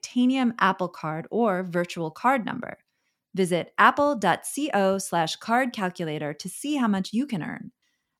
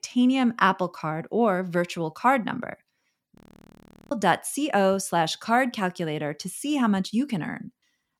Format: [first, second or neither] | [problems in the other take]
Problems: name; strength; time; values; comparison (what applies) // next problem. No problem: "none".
first | audio freezing; at 3.5 s for 1 s